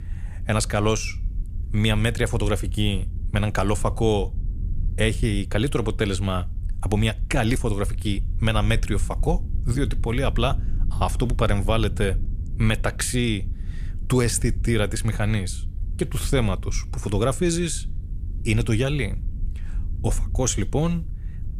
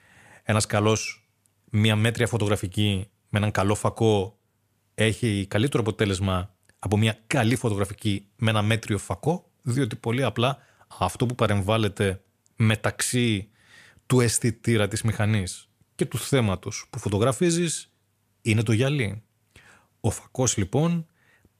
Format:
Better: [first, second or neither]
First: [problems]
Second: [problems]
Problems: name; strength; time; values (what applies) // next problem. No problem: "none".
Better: second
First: low rumble; faint; throughout; 20 dB below the speech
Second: none